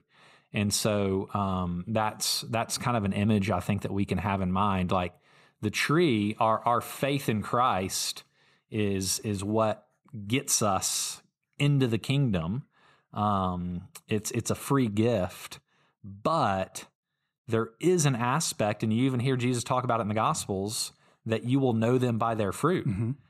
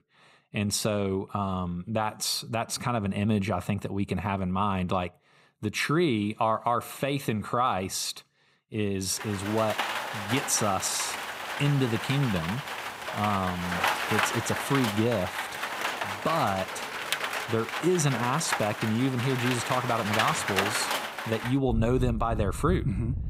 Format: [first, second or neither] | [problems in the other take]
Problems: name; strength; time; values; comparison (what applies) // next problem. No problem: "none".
first | rain or running water; loud; from 9.5 s on; 3 dB below the speech